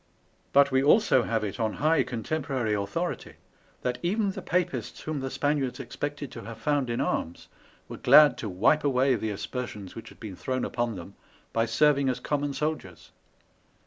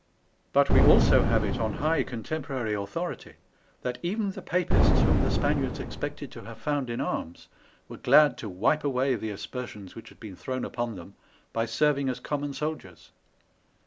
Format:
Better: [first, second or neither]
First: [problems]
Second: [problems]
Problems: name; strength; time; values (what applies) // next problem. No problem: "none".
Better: first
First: none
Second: background sound (Boom); 5 dB above the speech